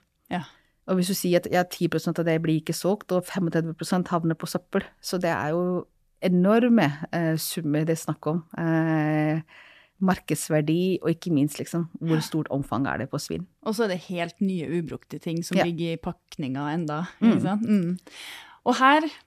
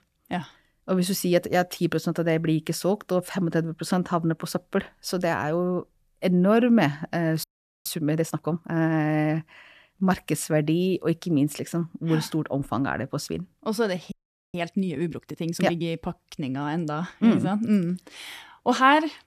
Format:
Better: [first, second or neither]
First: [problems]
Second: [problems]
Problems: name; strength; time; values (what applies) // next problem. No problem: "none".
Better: first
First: none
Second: audio freezing; at 7.5 s and at 14 s